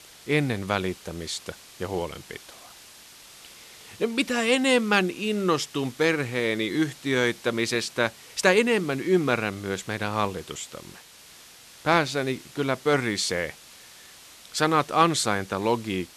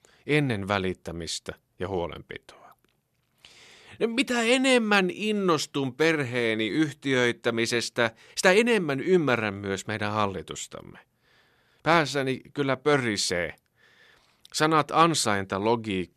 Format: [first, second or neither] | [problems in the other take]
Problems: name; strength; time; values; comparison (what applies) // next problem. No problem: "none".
second | hiss; faint; throughout; 20 dB below the speech